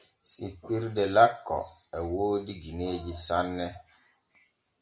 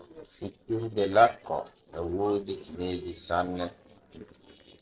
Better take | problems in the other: first | noise reduction (neural separator model SepFormer DNS4)

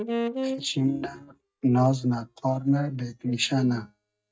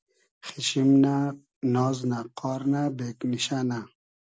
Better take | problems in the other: second | noise reduction (neural mask model DeepFilterNet 3)

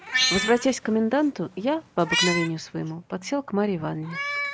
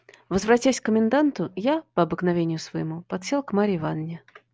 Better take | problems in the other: second | background sound (Meow); 4 dB below the speech

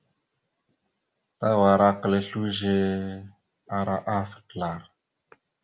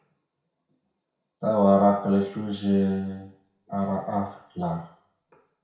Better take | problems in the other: first | room echo; dies away in 0.6 s

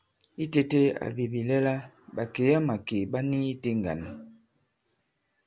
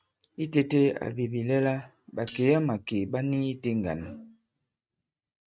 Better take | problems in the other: first | noise reduction (neural mask model RNNoise)

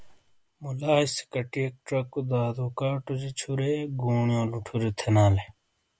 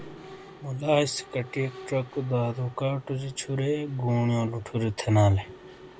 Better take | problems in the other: first | background sound (Mechanisms); 19 dB below the speech

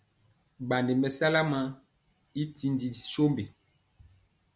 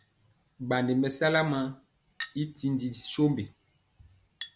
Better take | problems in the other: first | background sound (Chink, clink); 20 dB below the speech

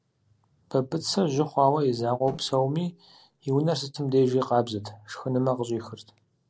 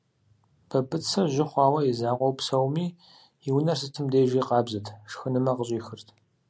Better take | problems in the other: second | noise reduction (neural separator model SepFormer DNS4)

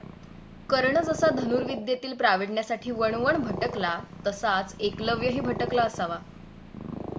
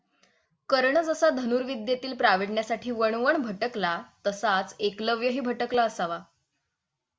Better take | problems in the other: second | background sound (Purr); 9 dB below the speech

